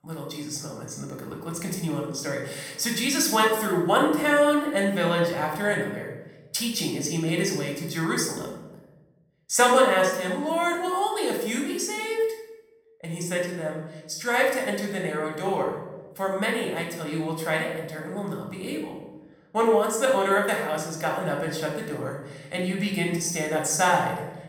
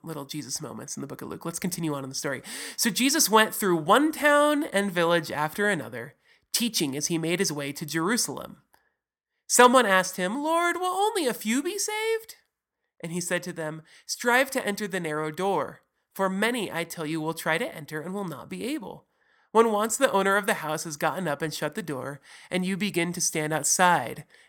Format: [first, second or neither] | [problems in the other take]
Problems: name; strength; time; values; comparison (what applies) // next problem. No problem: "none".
second | off-mic speech; somewhat distant // room echo; noticeable; dies away in 0.9 s